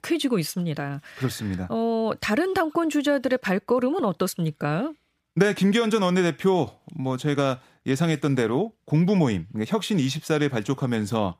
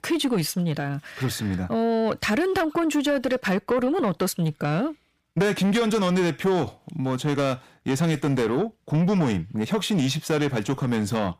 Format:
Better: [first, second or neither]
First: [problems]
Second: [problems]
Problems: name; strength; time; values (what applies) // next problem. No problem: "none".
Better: first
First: none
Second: distortion; slight; 10 dB below the speech